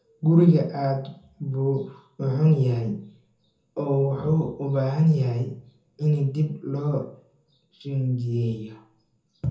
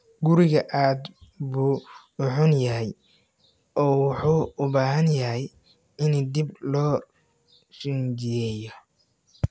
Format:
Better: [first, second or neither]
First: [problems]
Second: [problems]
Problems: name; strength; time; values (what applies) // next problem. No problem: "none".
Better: second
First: room echo; dies away in 0.5 s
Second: none